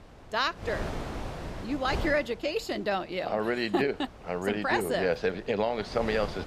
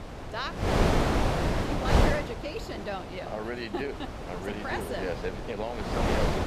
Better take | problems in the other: first | wind noise on the microphone; heavy; 4 dB above the speech; occasional gusts in the first

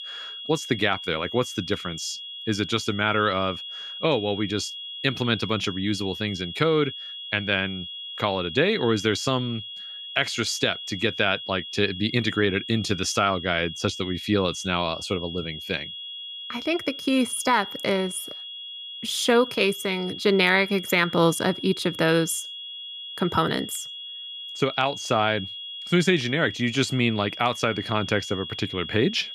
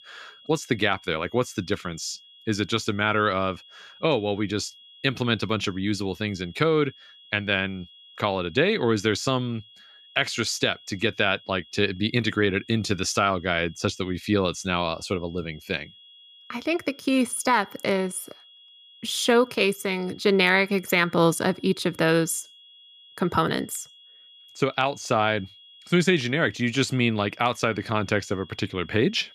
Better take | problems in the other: second | high-pitched whine; loud; throughout; 3.5 kHz, 9 dB below the speech; faint in the second

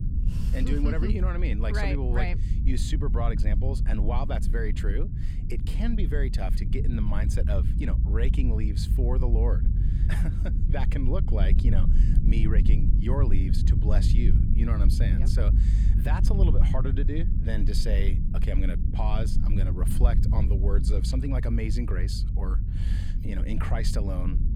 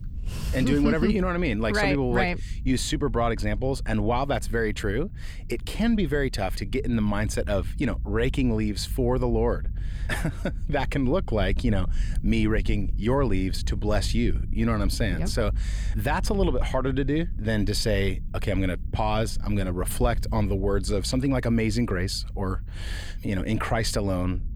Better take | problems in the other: second | low rumble; loud; throughout; 5 dB below the speech; faint in the second

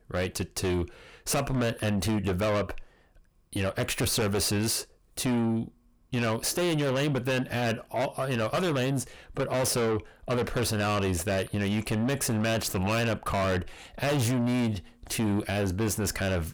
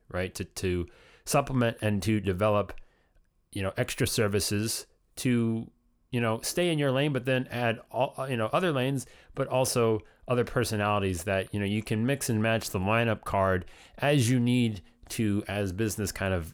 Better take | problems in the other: second | distortion; heavy; 6 dB below the speech

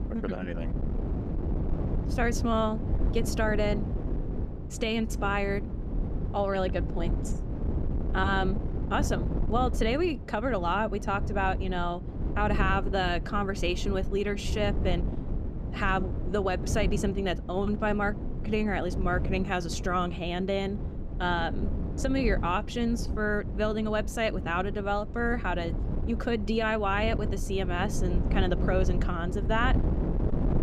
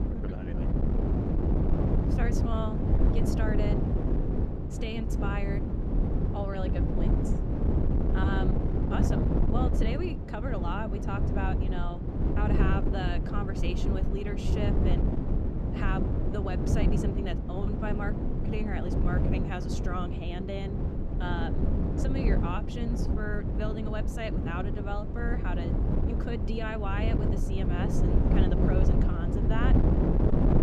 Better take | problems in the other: first | wind noise on the microphone; heavy; 1 dB above the speech; occasional gusts in the first

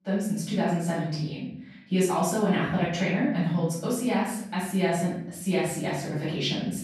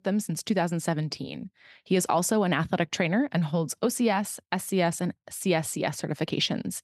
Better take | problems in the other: second | off-mic speech; far // room echo; noticeable; dies away in 0.7 s

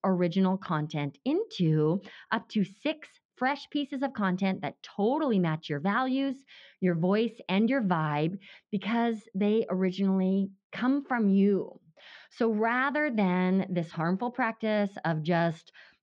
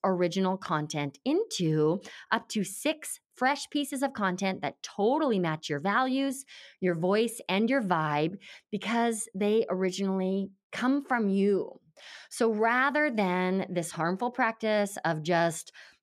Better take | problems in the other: second | muffled; very slightly; fading above 4.5 kHz

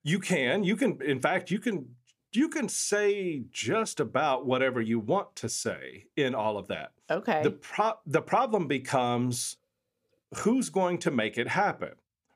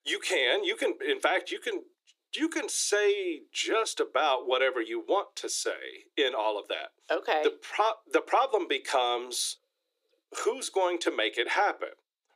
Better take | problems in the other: first | thin; very; fading below 300 Hz

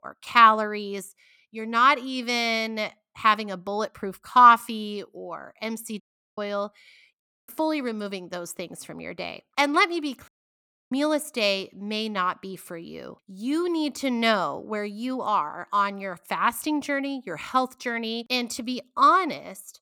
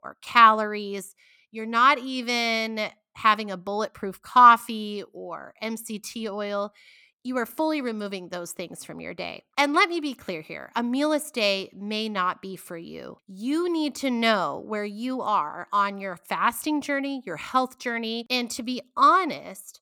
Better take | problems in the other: second | audio cutting out; at 6 s, at 7 s and at 10 s for 0.5 s

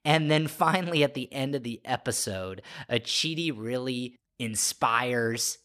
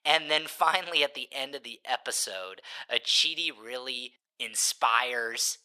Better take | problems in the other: first | thin; very; fading below 750 Hz

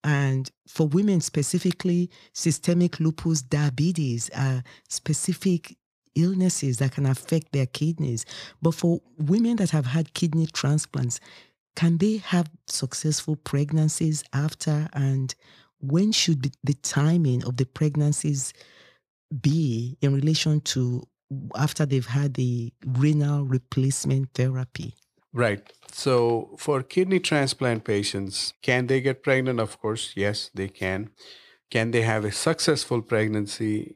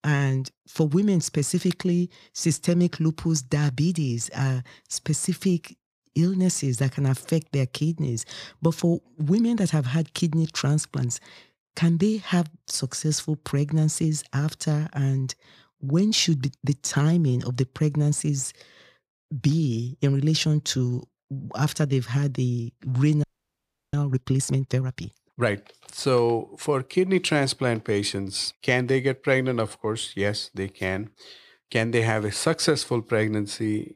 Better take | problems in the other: first | audio freezing; at 23 s for 0.5 s

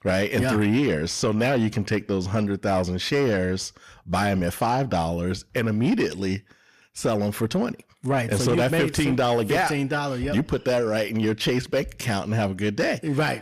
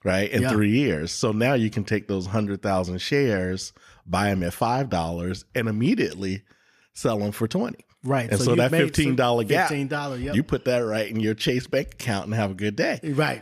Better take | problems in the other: second | distortion; slight; 10 dB below the speech

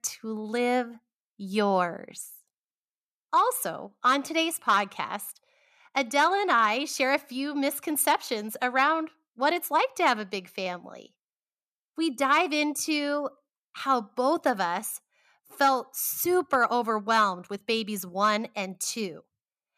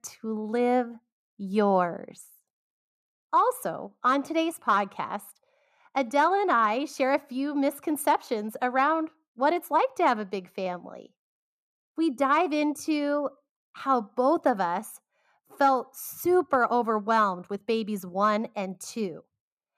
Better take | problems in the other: first | muffled; slightly; fading above 1.5 kHz

